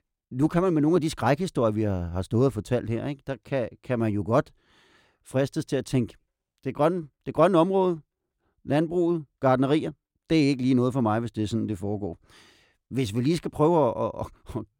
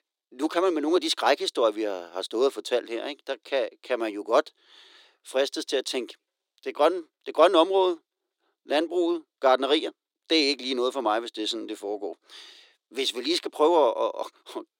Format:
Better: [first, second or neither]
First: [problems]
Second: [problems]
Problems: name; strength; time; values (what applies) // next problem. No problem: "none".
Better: first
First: none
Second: thin; very; fading below 350 Hz